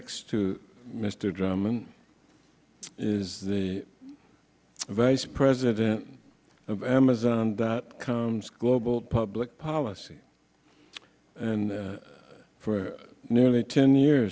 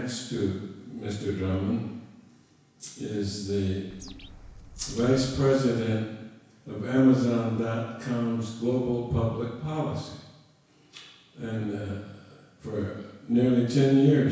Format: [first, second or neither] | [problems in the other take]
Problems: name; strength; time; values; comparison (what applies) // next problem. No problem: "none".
first | background sound (Bird); 17 dB below the speech // room echo; dies away in 1.1 s